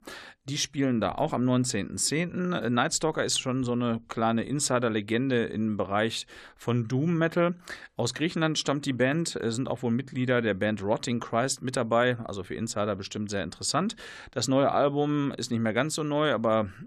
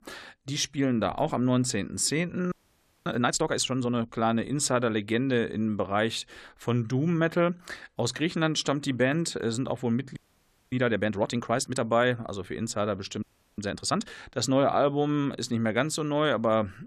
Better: first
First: none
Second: audio freezing; at 2.5 s for 0.5 s, at 10 s for 0.5 s and at 13 s

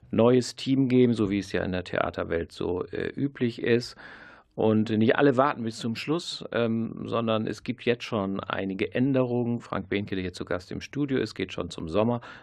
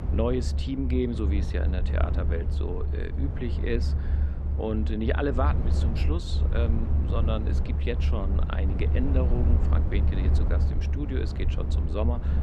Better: first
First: none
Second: low rumble; loud; throughout; 7 dB below the speech

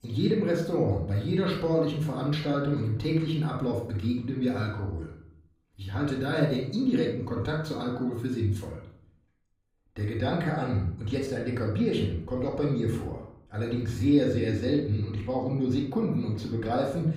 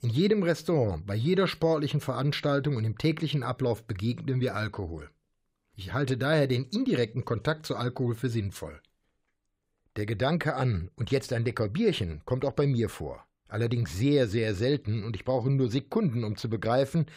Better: second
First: off-mic speech; far // room echo; noticeable; dies away in 0.6 s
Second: none

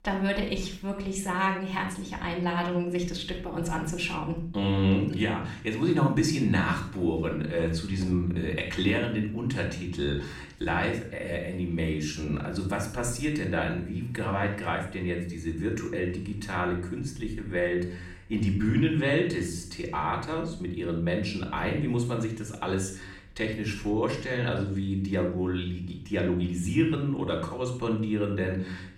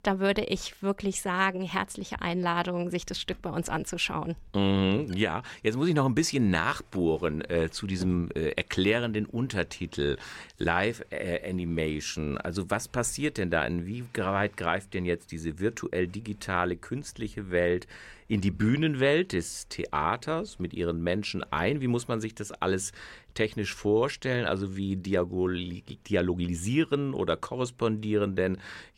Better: second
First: off-mic speech; far // room echo; noticeable; dies away in 0.6 s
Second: none

